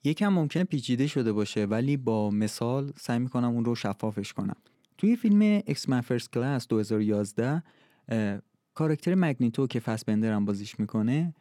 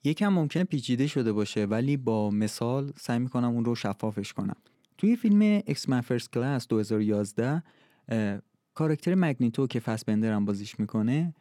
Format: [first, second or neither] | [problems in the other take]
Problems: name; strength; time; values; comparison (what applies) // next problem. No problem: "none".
neither | none